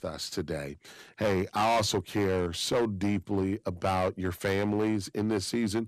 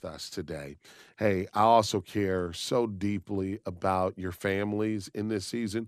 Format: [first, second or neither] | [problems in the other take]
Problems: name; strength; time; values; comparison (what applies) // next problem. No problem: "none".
second | distortion; heavy; 9% of the sound clipped